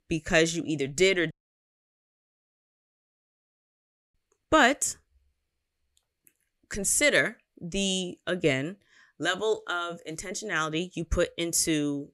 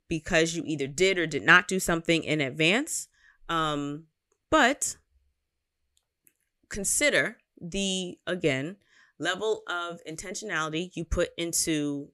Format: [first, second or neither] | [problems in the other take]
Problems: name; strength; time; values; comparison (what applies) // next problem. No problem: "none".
second | audio cutting out; at 1.5 s for 3 s